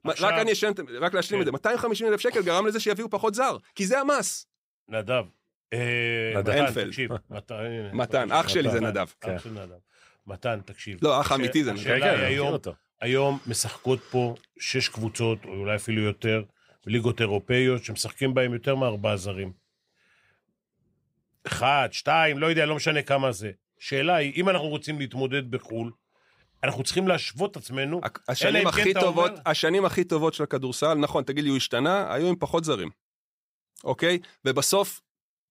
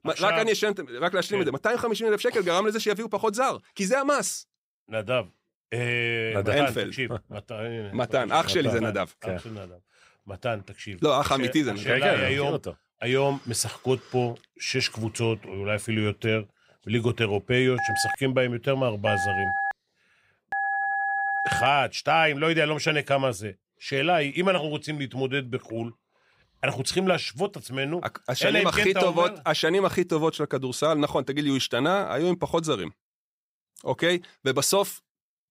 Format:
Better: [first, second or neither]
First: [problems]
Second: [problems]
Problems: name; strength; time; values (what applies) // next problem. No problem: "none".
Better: first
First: none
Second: phone ringing; noticeable; from 18 to 22 s; peak level with the speech